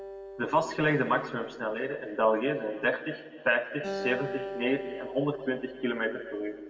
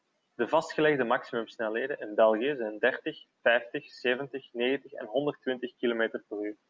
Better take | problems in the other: second | background sound (Acoustic guitar); 12 dB below the speech // room echo; dies away in 1.7 s

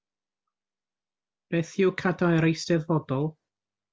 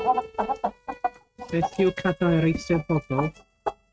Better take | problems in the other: first | noise reduction (neural mask model RNNoise)

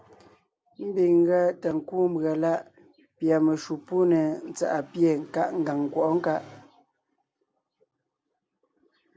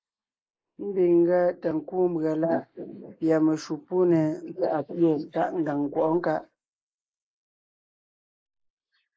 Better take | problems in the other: first | noise reduction (neural mask model Resemble Enhance denoiser)

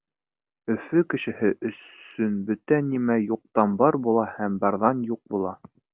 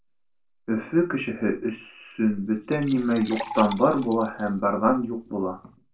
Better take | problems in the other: first | background sound (Liquid); 15 dB below the speech // room echo; dies away in 0.3 s

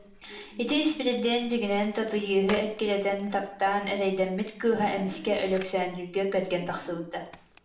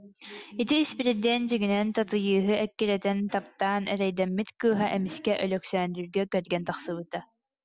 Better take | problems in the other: second | background sound (Telephone); 18 dB below the speech // room echo; dies away in 0.5 s

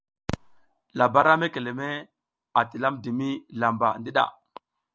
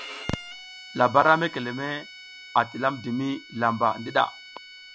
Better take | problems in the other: first | background sound (Bowed string instrument); 17 dB below the speech

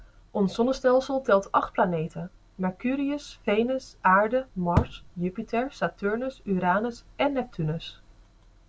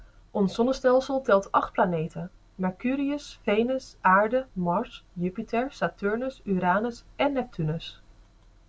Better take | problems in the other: second | background sound (Thump, thud); 2 dB below the speech

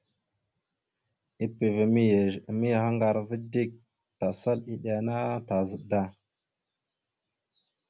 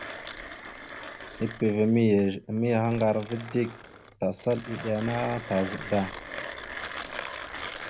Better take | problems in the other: first | background sound (Mechanisms); 11 dB below the speech

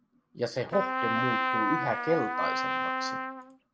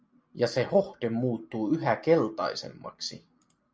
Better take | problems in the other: second | background sound (Trumpet); 2 dB above the speech

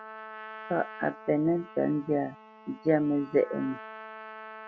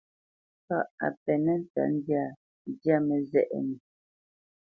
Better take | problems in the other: second | background sound (Trumpet); 15 dB below the speech

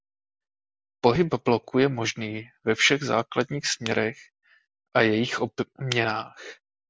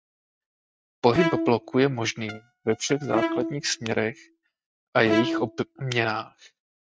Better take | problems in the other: first | noise reduction (neural mask model RNNoise)

